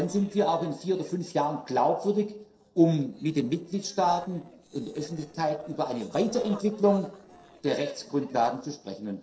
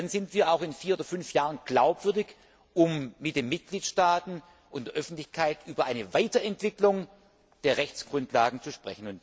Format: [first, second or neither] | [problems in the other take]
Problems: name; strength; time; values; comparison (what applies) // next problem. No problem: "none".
second | noise reduction (neural separator model SepFormer DNS4)